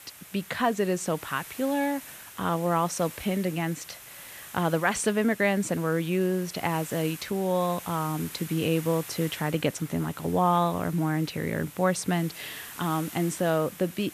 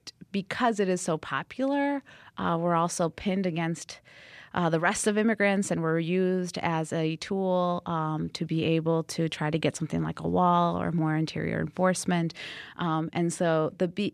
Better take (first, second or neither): second